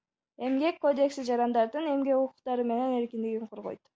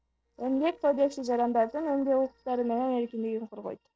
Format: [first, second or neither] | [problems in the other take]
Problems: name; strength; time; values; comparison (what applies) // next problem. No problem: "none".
first | noise reduction (neural separator model SepFormer DNS4)